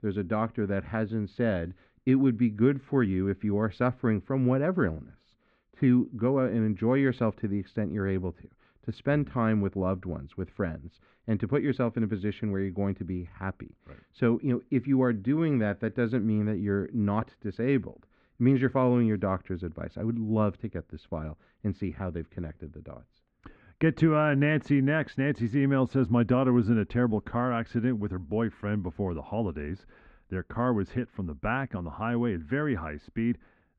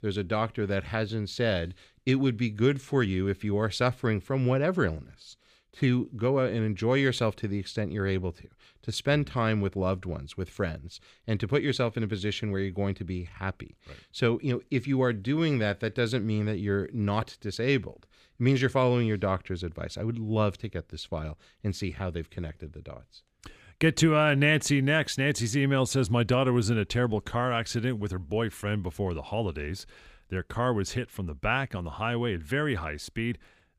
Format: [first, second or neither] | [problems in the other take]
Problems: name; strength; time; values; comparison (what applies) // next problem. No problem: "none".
second | muffled; very; fading above 1.5 kHz